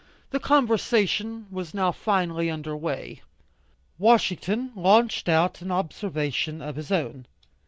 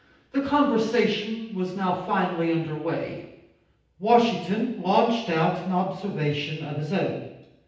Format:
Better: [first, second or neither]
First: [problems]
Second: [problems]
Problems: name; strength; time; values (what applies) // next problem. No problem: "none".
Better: first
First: none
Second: room echo; dies away in 0.9 s